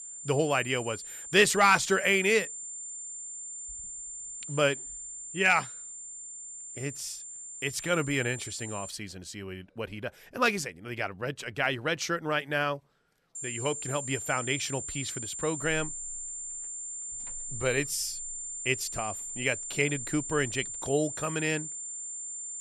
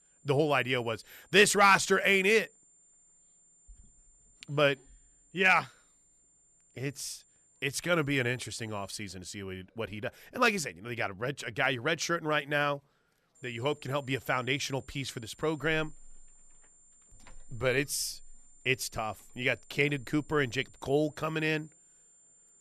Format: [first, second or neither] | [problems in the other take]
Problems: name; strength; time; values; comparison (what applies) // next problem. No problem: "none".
second | high-pitched whine; loud; until 9 s and from 13 s on; 7 kHz, 8 dB below the speech; faint in the second